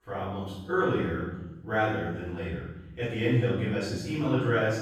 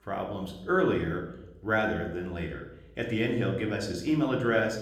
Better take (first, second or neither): second